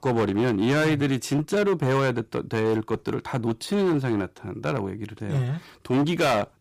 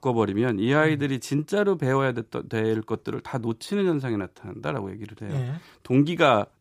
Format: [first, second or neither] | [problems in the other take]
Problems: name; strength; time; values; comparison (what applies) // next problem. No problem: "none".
second | distortion; heavy; 12% of the sound clipped